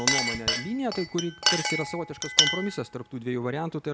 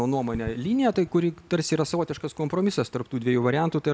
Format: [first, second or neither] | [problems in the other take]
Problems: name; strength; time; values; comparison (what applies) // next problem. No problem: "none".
second | background sound (Chink, clink); 2 dB above the speech